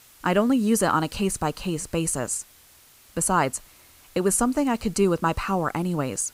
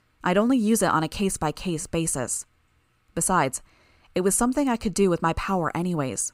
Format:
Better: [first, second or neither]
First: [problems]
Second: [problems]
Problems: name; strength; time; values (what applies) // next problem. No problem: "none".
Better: second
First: hiss; faint; throughout; 25 dB below the speech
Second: none